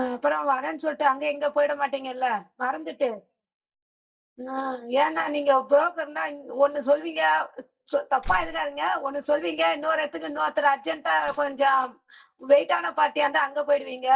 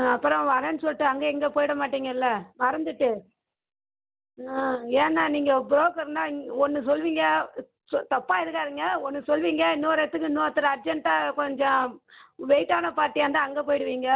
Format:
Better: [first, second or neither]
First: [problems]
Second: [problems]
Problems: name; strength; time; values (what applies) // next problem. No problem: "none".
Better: second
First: noise reduction (neural mask model DeepFilterNet 3)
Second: none